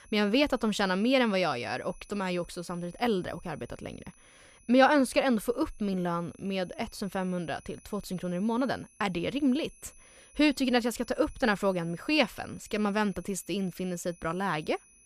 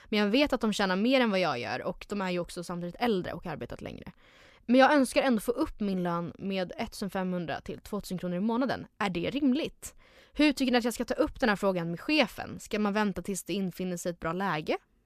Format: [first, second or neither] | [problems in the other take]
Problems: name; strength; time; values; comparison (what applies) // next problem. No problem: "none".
second | high-pitched whine; faint; throughout; 10.5 kHz, 25 dB below the speech